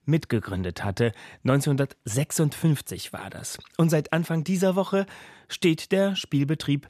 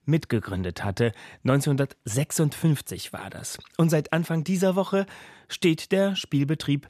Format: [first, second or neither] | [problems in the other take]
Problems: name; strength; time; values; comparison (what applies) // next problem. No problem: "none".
neither | none